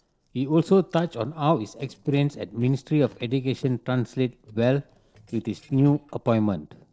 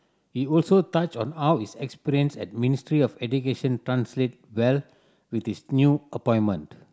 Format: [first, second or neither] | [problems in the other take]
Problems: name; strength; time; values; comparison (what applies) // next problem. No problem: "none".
second | noise reduction (neural separator model SepFormer DNS4)